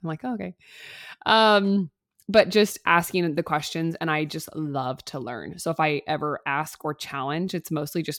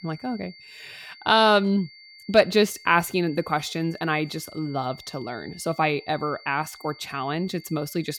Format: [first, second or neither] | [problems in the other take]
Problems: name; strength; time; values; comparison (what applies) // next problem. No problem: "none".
first | high-pitched whine; faint; throughout; 2 kHz, 20 dB below the speech